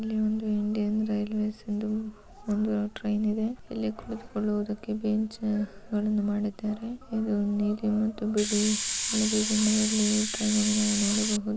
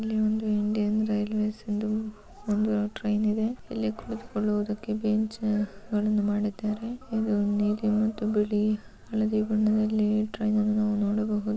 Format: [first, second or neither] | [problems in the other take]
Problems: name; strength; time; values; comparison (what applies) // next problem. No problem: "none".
second | background sound (Hiss); 2 dB below the speech